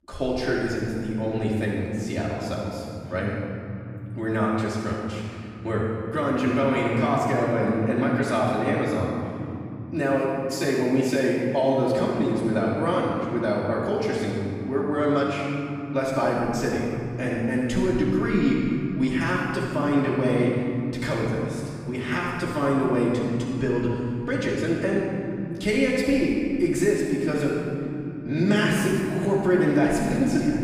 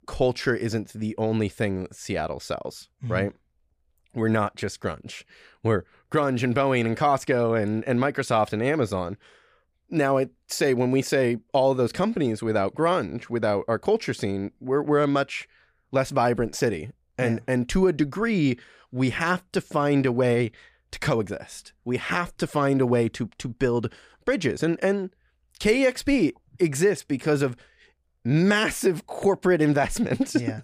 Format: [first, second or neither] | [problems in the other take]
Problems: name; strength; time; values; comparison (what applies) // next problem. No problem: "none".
second | off-mic speech; far // room echo; strong; dies away in 3 s